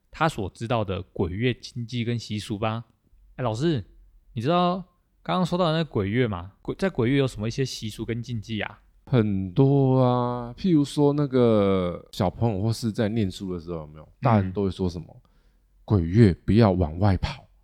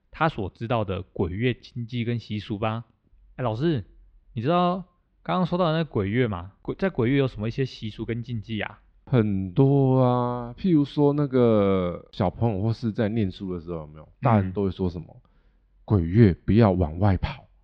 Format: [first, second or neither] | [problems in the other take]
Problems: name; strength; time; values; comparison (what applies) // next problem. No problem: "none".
first | muffled; slightly; fading above 3.5 kHz